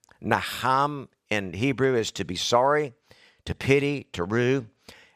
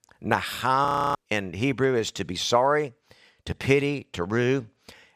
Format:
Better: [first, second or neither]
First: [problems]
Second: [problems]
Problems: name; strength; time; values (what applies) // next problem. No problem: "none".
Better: first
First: none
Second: audio freezing; at 1 s